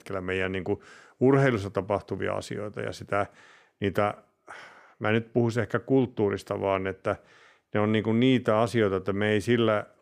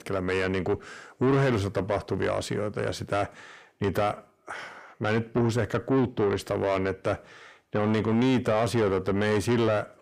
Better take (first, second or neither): first